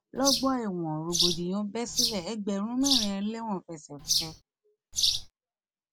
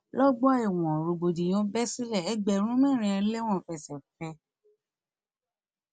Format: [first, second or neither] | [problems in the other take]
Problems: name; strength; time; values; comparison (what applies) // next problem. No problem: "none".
second | background sound (Bird vocalization, bird call, bird song); 1 dB above the speech